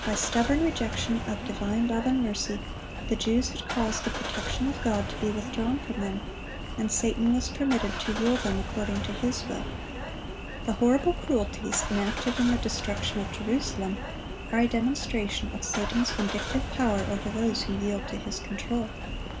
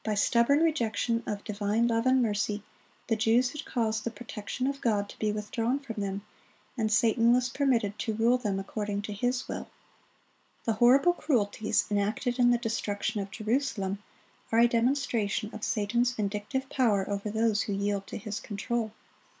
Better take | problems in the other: second | background sound (Engine starting / Car); 5 dB below the speech

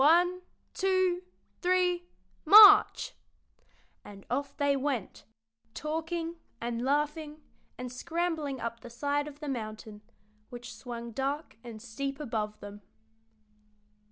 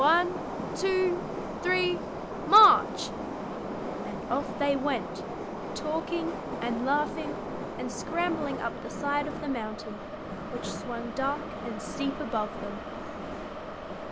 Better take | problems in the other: first | background sound (Subway, metro, underground); 6 dB below the speech

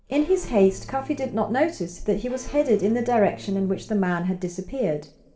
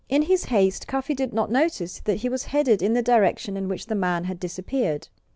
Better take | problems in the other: second | background sound (Electric guitar / Bass guitar); 20 dB below the speech // room echo; dies away in 0.8 s

